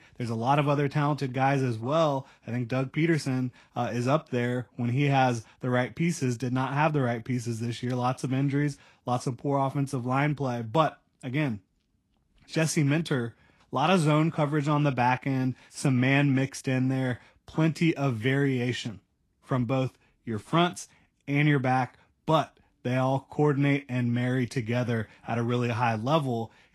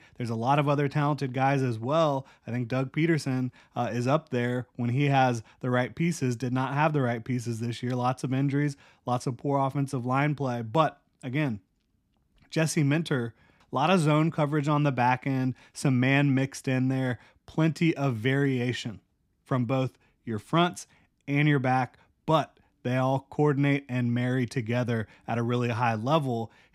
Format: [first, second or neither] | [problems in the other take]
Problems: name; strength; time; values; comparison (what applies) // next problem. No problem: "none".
second | garbled, watery; slightly; nothing above 12 kHz